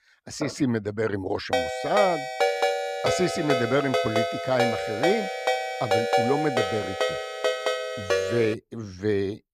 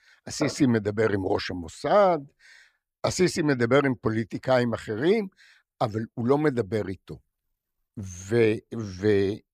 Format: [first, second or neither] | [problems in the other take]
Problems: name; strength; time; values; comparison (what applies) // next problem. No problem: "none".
second | phone ringing; loud; from 1.5 to 8.5 s; peak 5 dB above the speech